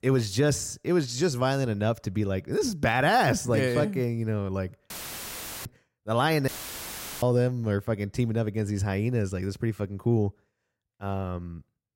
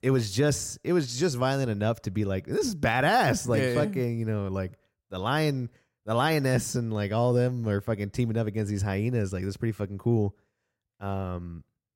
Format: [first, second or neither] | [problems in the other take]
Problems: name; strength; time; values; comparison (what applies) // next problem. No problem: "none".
second | audio cutting out; filled with static; at 5 s for 1 s and at 6.5 s for 0.5 s